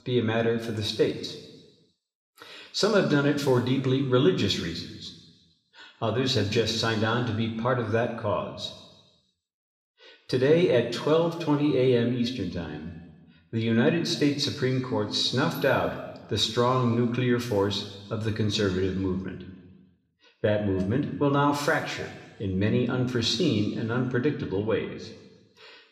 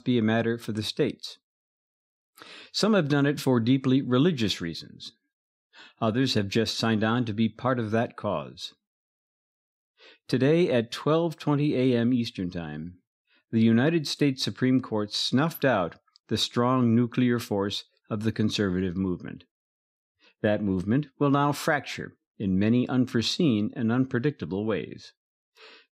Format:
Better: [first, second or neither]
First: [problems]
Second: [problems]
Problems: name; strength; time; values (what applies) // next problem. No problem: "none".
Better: second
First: room echo; noticeable; dies away in 1.1 s // off-mic speech; somewhat distant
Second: none